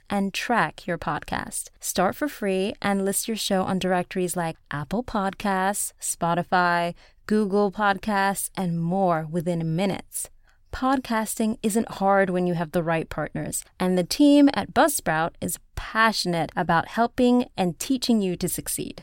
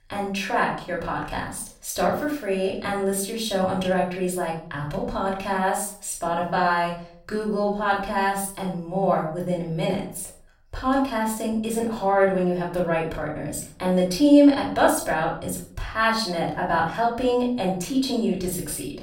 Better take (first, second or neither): first